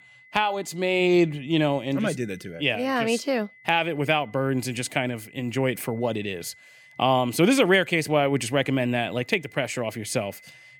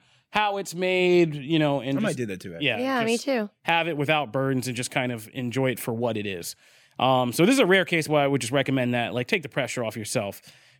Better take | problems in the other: second | high-pitched whine; faint; throughout; 2 kHz, 25 dB below the speech

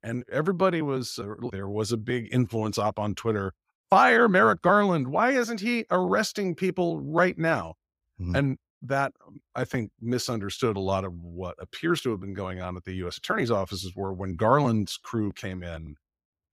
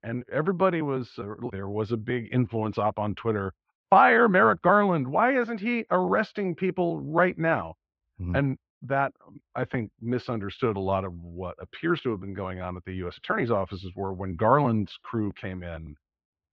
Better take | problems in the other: first | muffled; very; fading above 3 kHz

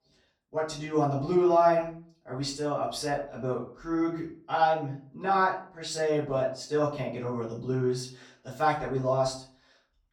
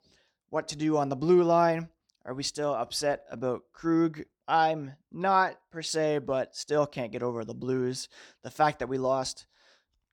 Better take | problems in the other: second | room echo; slight; dies away in 0.4 s // off-mic speech; far

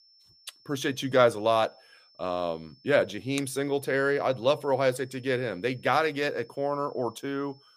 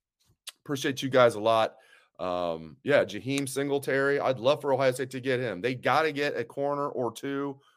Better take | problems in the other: second | high-pitched whine; faint; throughout; 5.5 kHz, 30 dB below the speech

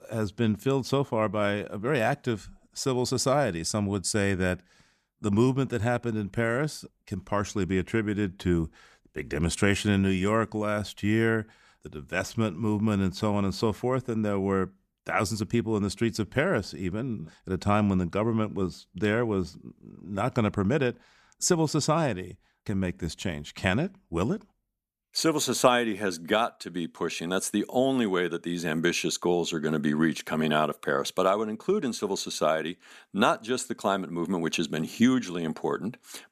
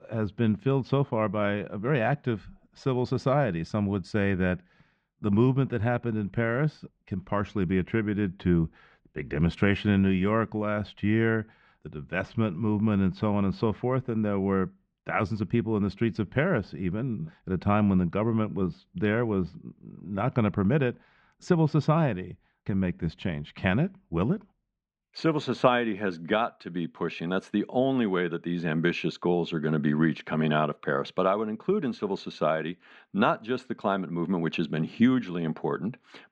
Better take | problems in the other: first | muffled; slightly; fading above 3 kHz

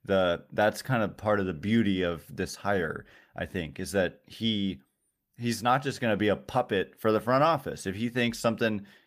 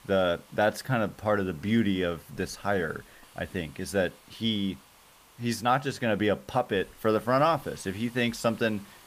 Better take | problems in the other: first | hiss; faint; throughout; 25 dB below the speech

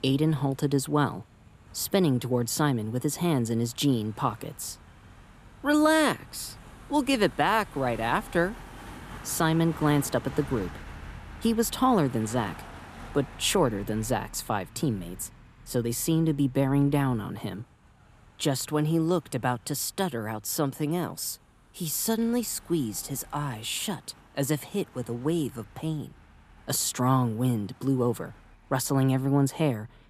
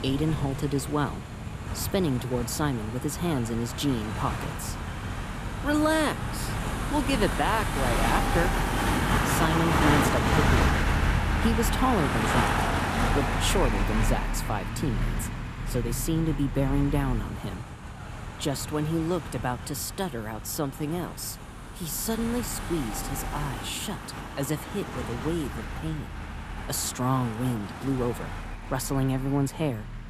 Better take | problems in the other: first | traffic noise; loud; throughout; as loud as the speech; faint in the first

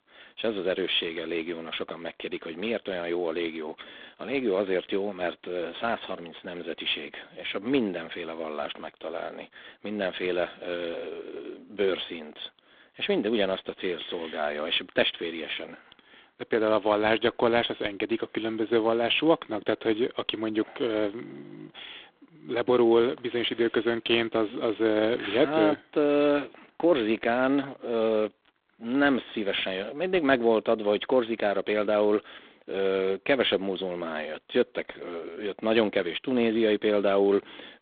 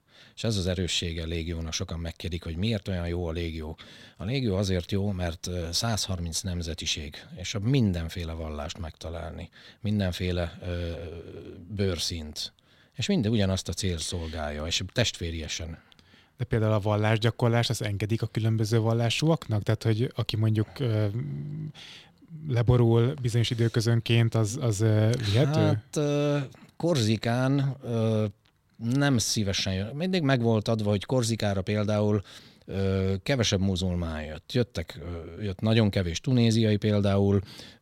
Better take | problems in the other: second | phone-call audio; poor line

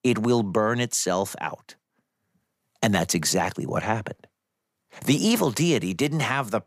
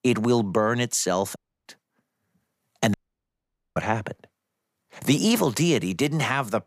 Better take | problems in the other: first | audio cutting out; at 1.5 s and at 3 s for 1 s

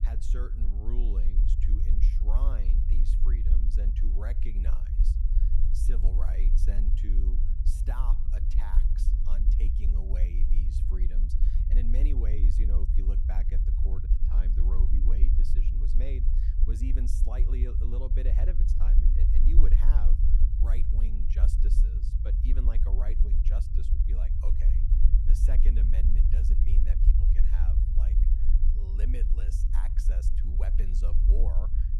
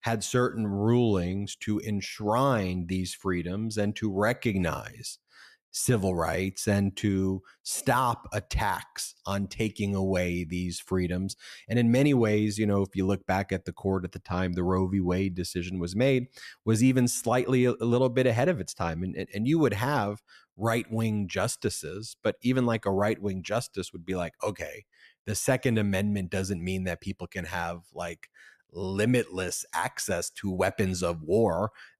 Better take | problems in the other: second | low rumble; loud; throughout; 1 dB below the speech

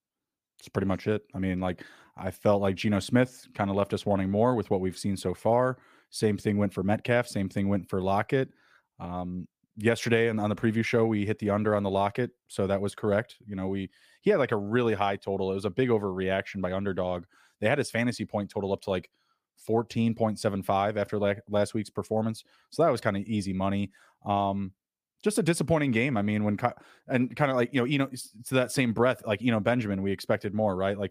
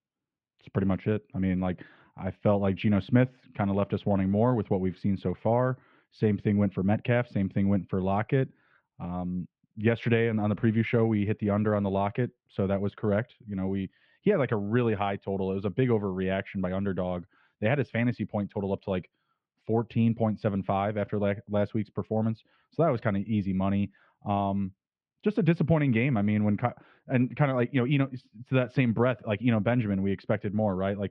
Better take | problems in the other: first | muffled; very; fading above 3 kHz

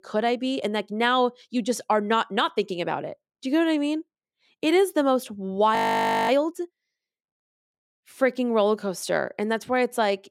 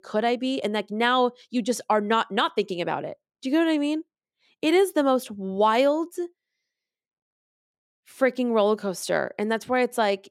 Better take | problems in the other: second | audio freezing; at 6 s for 0.5 s

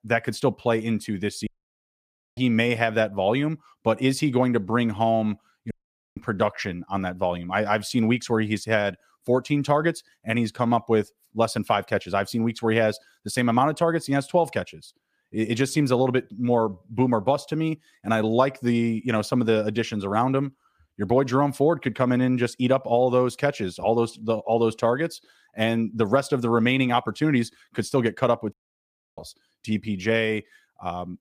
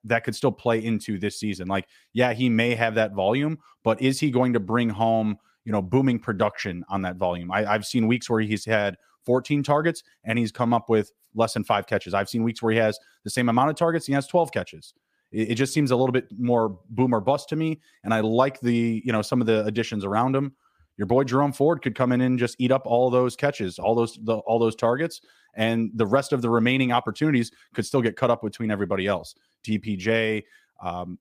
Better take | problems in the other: second | audio cutting out; at 1.5 s for 1 s, at 5.5 s and at 29 s for 0.5 s

